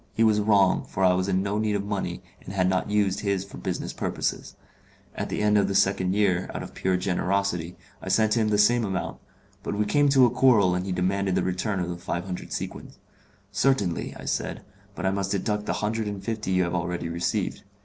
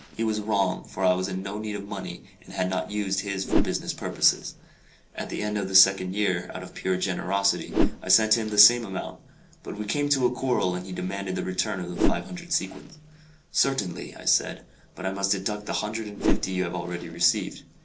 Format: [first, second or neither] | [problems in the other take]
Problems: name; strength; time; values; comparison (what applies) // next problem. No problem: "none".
first | background sound (Whoosh, swoosh, swish); 5 dB below the speech // room echo; dies away in 0.2 s